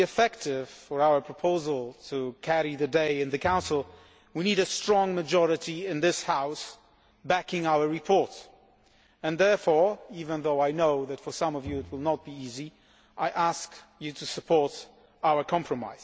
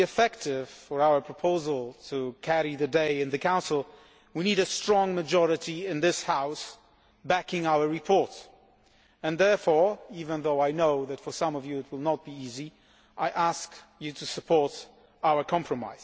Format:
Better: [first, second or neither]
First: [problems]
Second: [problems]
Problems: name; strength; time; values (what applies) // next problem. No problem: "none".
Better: second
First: background sound (Bowed string instrument); 19 dB below the speech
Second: none